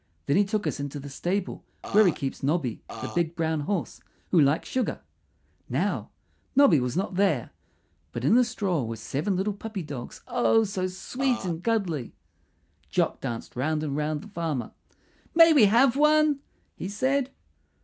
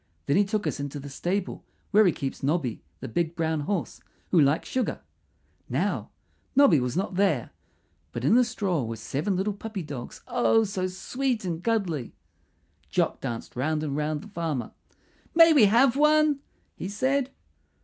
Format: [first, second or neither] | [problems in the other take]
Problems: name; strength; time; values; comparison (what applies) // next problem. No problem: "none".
second | background sound (Burping, eructation); 10 dB below the speech